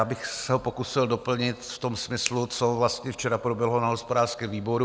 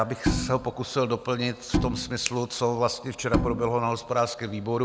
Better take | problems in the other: first | background sound (Bowed string instrument); 4 dB below the speech

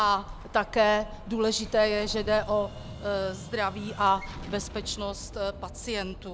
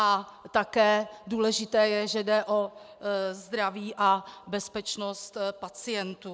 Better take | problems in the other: second | background sound (Explosion); 13 dB below the speech

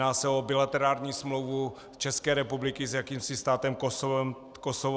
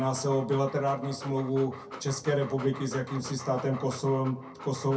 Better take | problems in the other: first | background sound (Dog); 15 dB below the speech // room echo; dies away in 0.3 s

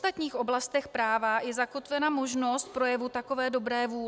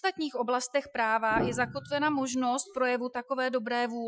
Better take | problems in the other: first | noise reduction (classical method Wiener filter)

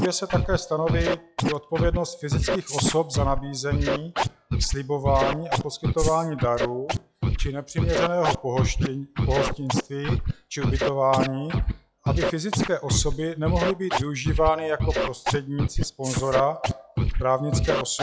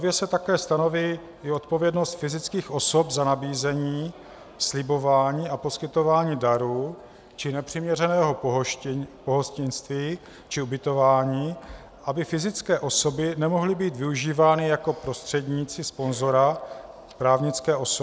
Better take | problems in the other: second | noise reduction (classical method log-MMSE)

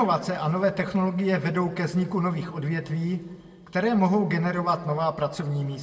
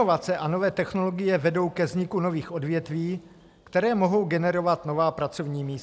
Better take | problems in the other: second | room echo; dies away in 1.2 s

